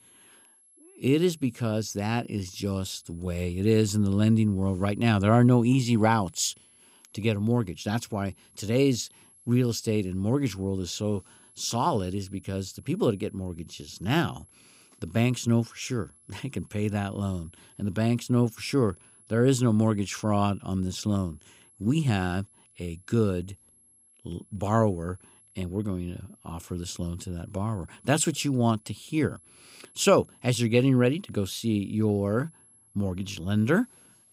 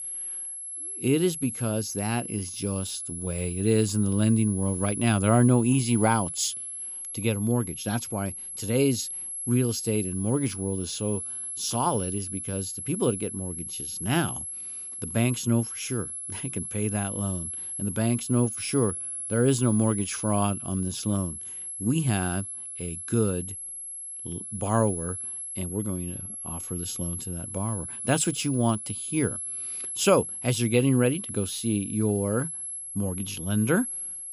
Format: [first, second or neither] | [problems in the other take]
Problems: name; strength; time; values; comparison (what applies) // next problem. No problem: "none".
first | high-pitched whine; loud; throughout; 11 kHz, 6 dB below the speech; faint in the first